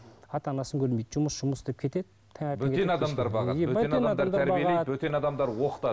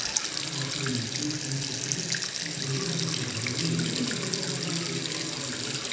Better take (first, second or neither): first